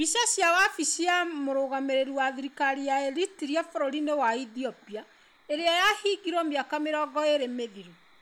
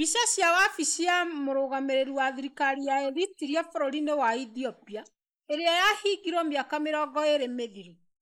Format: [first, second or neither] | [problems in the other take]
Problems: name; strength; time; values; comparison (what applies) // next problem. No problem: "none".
first | noise reduction (neural mask model Resemble Enhance denoiser)